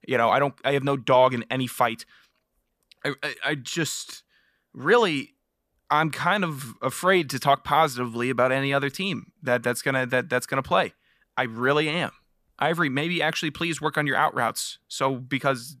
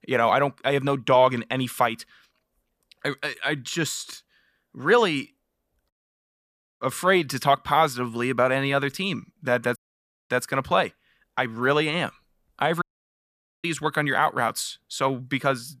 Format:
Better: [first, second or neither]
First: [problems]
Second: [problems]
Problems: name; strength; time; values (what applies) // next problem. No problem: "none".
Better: first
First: none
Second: audio cutting out; at 6 s for 1 s, at 10 s for 0.5 s and at 13 s for 1 s